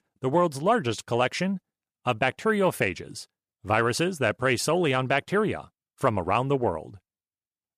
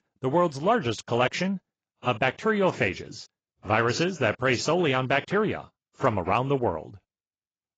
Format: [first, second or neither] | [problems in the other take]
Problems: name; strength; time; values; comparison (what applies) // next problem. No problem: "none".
first | garbled, watery; badly; nothing above 7.5 kHz